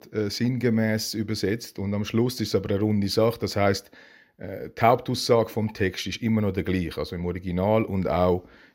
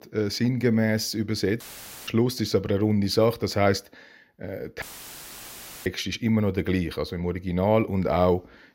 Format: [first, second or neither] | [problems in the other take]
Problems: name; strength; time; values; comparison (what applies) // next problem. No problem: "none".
first | audio cutting out; filled with static; at 1.5 s and at 5 s for 1 s